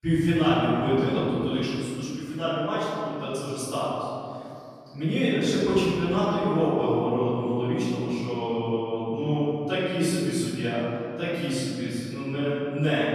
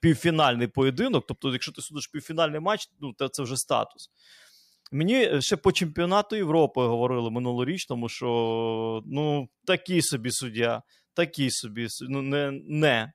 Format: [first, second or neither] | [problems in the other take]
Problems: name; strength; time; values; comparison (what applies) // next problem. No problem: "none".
second | off-mic speech; far // room echo; strong; dies away in 2.8 s